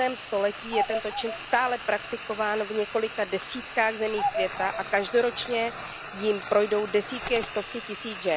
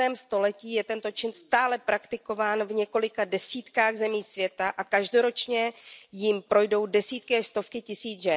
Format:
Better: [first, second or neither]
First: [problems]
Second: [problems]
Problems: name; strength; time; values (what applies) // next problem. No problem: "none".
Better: second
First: background sound (Bird vocalization, bird call, bird song + Frying (food)); 7 dB below the speech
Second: none